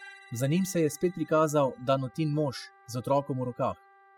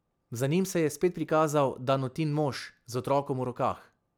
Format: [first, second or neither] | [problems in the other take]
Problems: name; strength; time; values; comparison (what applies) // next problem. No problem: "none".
second | noise reduction (classical method spectral subtraction)